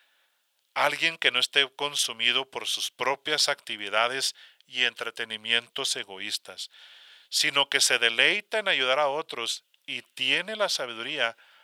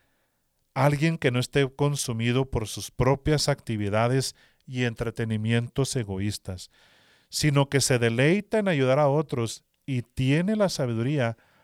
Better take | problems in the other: second | thin; very; fading below 700 Hz

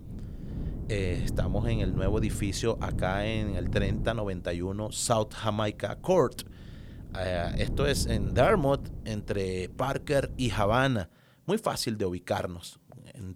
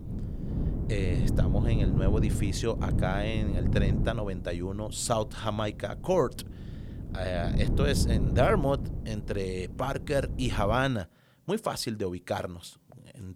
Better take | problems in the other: first | wind noise on the microphone; heavy; until 11 s; 9 dB below the speech; occasional gusts in the first

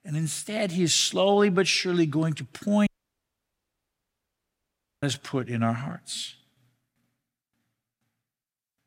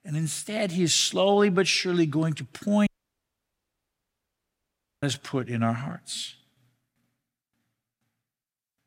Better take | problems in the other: neither | audio cutting out; at 3 s for 2 s; the same in both

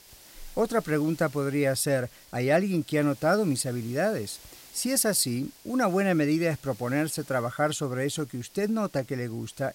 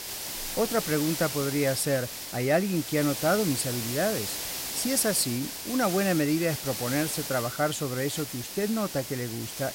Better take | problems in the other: first | hiss; loud; throughout; 5 dB below the speech; faint in the first

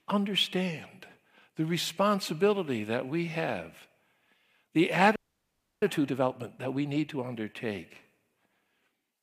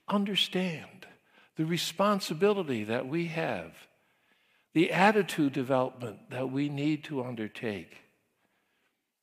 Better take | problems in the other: second | audio freezing; at 5 s for 0.5 s

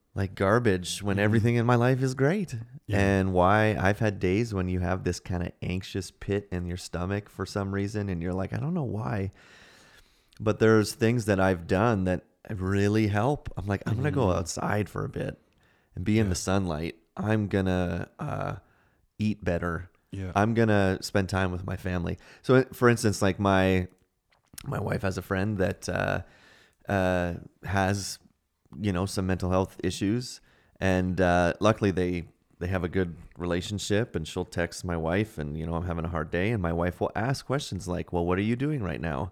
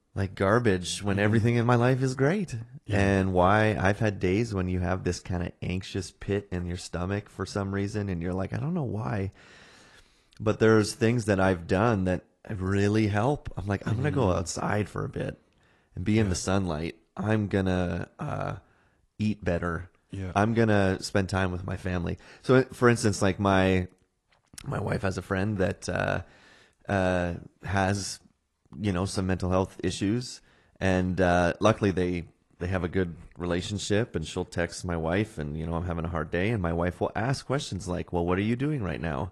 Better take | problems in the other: first | garbled, watery; slightly

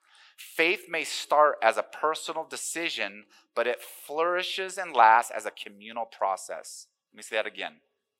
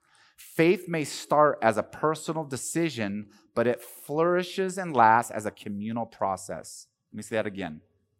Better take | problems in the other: second | thin; very; fading below 650 Hz

